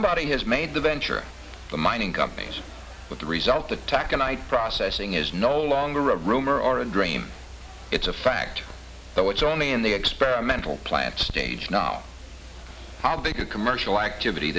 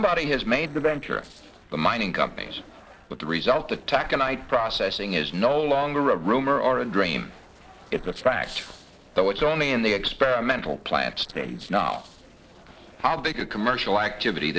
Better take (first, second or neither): first